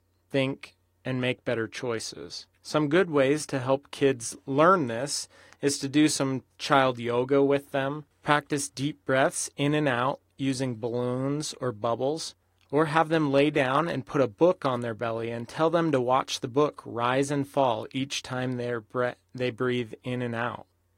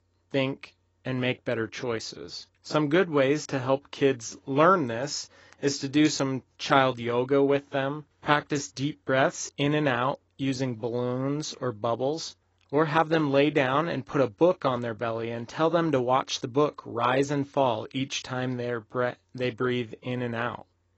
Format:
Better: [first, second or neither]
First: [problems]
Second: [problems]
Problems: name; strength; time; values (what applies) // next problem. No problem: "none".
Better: first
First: garbled, watery; slightly; nothing above 15.5 kHz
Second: garbled, watery; badly; nothing above 7.5 kHz